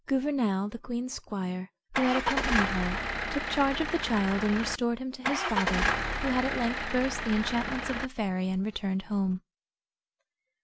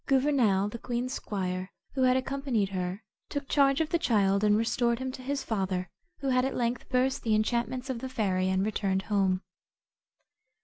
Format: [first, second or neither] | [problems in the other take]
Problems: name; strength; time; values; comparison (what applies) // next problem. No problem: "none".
second | background sound (Engine starting / Car); 1 dB below the speech